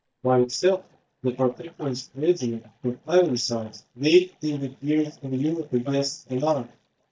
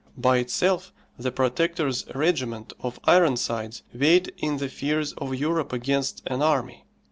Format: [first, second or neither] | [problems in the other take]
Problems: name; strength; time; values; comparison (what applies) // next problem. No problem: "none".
second | noise reduction (neural mask model DeepFilterNet 3)